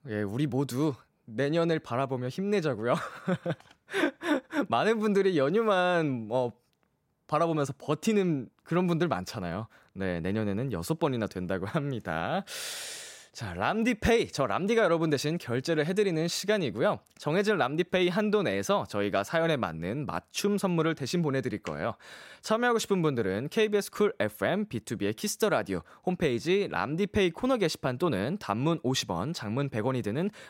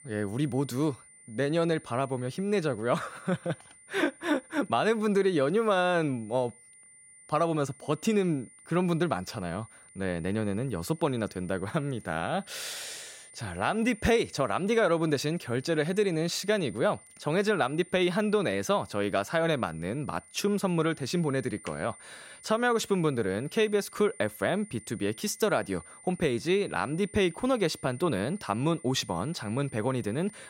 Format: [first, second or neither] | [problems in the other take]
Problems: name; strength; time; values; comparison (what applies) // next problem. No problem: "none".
first | high-pitched whine; faint; throughout; 9 kHz, 20 dB below the speech